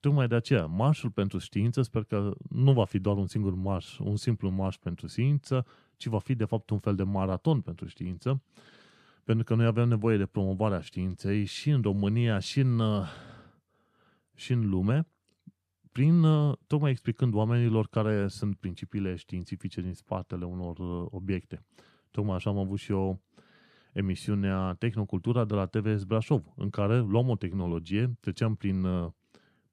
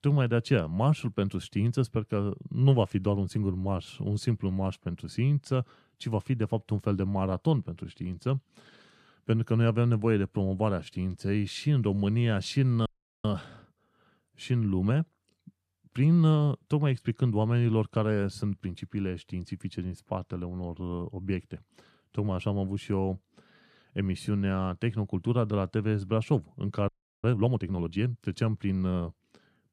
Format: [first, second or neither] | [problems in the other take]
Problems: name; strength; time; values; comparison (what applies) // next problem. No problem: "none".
first | audio freezing; at 13 s and at 27 s